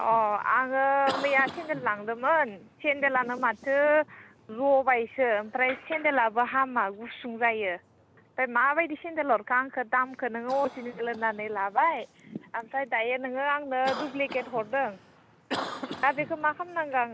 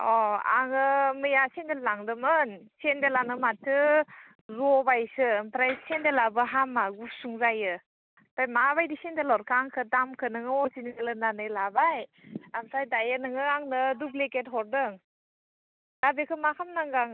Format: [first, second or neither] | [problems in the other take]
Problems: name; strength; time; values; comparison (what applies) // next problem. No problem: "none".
second | background sound (Cough); 16 dB below the speech